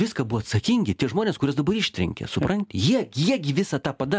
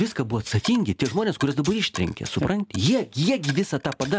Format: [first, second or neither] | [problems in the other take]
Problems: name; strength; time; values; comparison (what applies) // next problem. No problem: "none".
first | background sound (Coin (dropping) + Tools); 16 dB below the speech